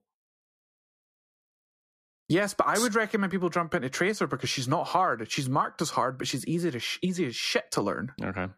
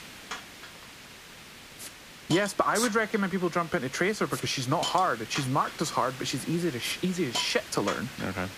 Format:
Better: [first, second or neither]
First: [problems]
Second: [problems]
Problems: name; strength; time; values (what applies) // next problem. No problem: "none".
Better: first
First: none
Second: hiss; noticeable; throughout; 10 dB below the speech